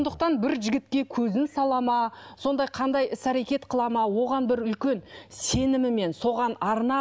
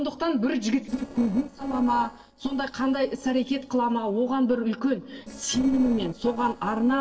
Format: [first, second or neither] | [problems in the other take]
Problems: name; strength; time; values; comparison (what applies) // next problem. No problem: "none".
first | noise reduction (neural separator model SepFormer DNS4)